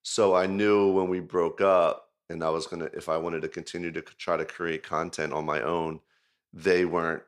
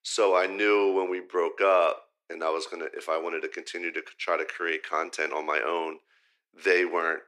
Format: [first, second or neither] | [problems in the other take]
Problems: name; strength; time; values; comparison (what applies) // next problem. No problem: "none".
first | thin; somewhat; fading below 300 Hz